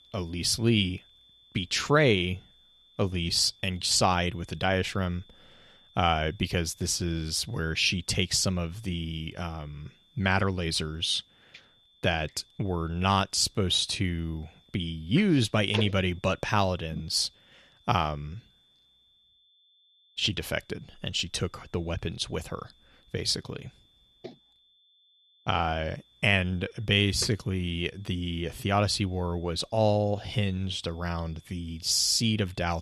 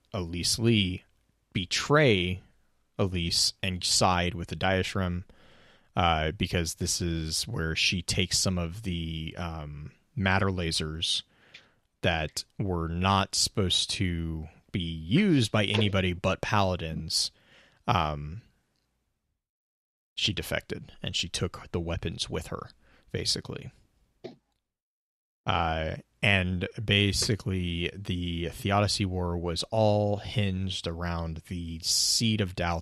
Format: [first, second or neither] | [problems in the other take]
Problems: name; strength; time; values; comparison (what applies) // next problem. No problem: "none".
second | high-pitched whine; faint; throughout; 3.5 kHz, 30 dB below the speech